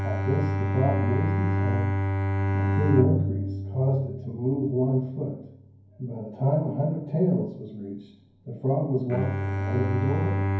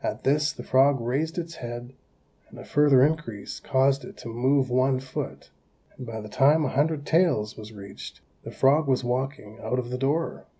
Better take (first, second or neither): second